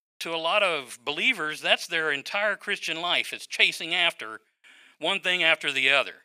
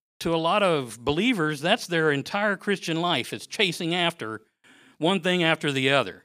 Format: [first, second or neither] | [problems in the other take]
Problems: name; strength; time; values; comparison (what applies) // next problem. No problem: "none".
second | thin; somewhat; fading below 1 kHz